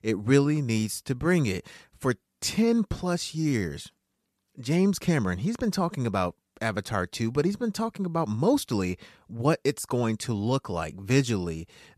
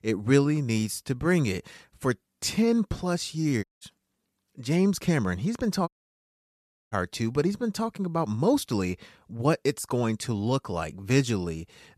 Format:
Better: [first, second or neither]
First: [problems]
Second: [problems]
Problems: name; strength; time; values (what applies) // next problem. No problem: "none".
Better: first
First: none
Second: audio cutting out; at 3.5 s and at 6 s for 1 s